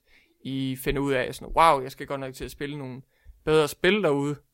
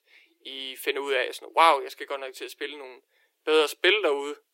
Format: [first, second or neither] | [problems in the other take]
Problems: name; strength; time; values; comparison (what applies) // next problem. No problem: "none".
first | thin; very; fading below 300 Hz